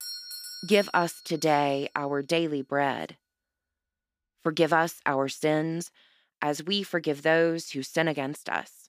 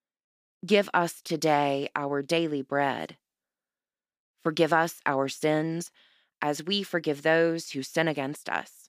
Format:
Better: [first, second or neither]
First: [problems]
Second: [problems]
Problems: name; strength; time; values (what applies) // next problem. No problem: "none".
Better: second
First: doorbell; noticeable; until 2 s; peak 8 dB below the speech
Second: none